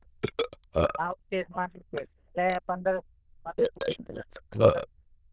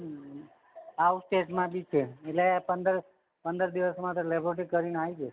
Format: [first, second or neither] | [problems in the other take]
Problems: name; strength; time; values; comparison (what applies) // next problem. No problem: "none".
second | noise reduction (neural diffusion model UNIVERSE++)